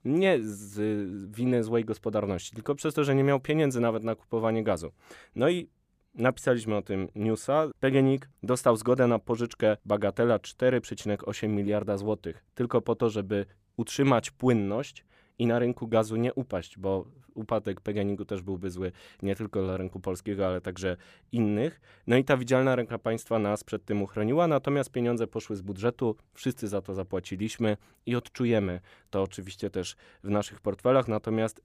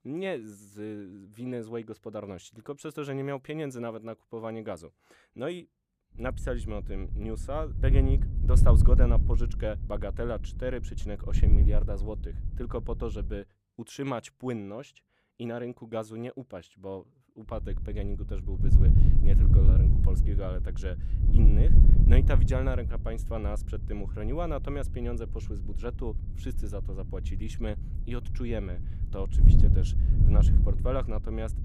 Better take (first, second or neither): first